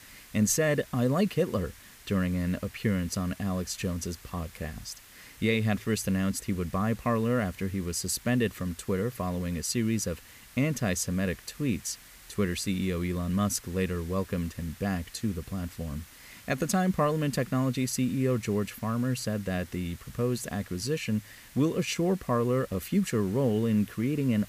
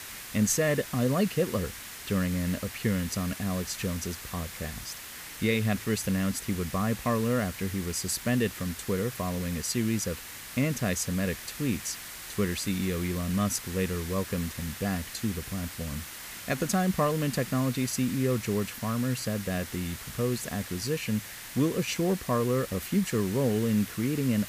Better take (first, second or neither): first